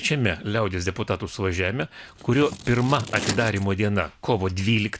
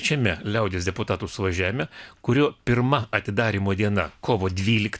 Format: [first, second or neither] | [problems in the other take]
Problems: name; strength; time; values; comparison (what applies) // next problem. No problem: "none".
second | background sound (Scissors); 10 dB below the speech